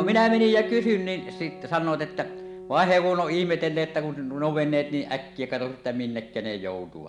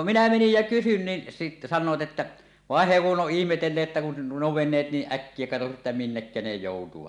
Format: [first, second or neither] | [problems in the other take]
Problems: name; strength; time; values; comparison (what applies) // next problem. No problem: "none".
second | background sound (Piano); 13 dB below the speech